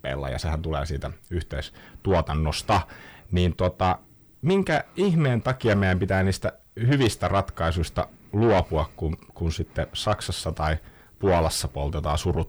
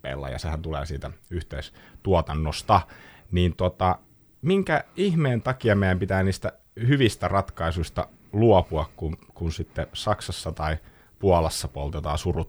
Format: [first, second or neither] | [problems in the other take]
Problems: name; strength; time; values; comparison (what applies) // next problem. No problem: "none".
second | distortion; slight; 10 dB below the speech